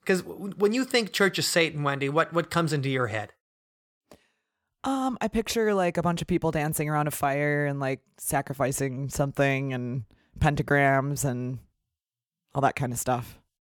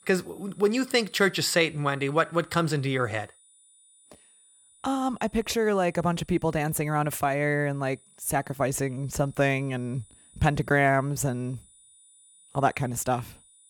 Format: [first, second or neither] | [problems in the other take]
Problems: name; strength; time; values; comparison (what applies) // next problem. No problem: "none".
first | high-pitched whine; faint; throughout; 9.5 kHz, 30 dB below the speech